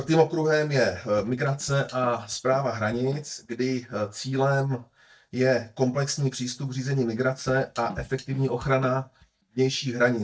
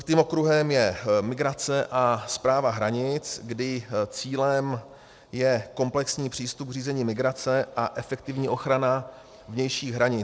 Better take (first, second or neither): second